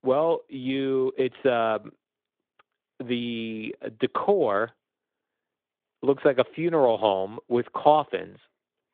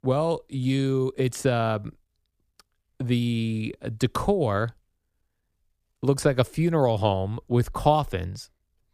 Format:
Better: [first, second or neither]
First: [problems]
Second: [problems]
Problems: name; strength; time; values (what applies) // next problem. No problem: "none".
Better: second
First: phone-call audio; nothing above 3.5 kHz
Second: none